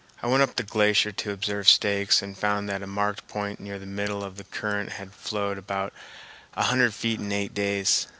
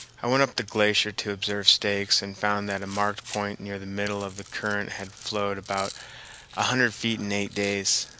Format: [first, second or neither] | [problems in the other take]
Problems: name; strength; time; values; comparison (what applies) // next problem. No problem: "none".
first | background sound (Rattle); 20 dB below the speech